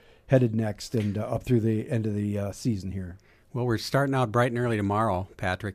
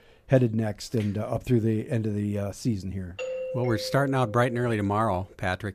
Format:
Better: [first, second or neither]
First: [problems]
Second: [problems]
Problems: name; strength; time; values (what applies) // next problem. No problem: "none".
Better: first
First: none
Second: doorbell; noticeable; from 3 to 5 s; peak 6 dB below the speech